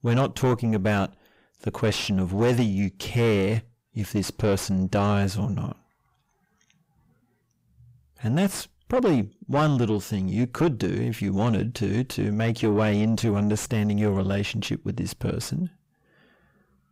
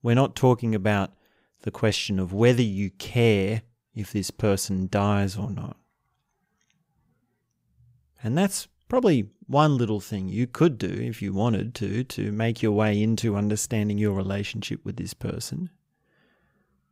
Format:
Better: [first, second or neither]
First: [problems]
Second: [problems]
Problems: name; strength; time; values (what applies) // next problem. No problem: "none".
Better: second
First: distortion; heavy; 7 dB below the speech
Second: none